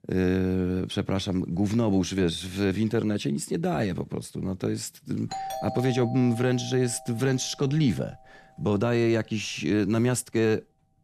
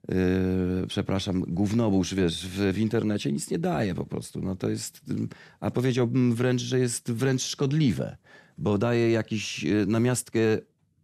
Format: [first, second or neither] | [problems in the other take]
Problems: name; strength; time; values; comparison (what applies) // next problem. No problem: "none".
second | doorbell; noticeable; from 5.5 to 8 s; peak 7 dB below the speech